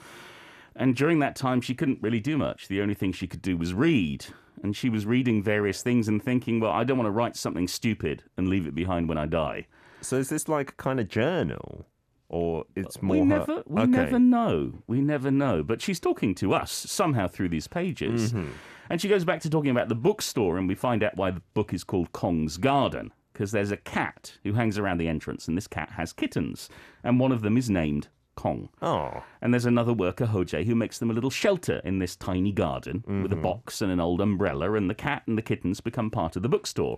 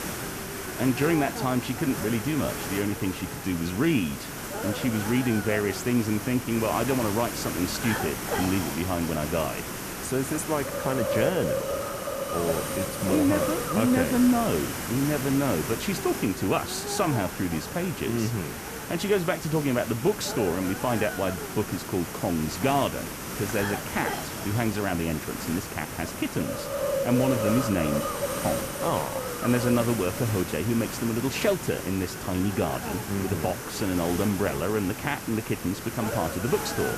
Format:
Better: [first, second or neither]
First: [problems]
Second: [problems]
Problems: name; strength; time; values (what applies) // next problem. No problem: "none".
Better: first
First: none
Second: hiss; loud; throughout; 4 dB below the speech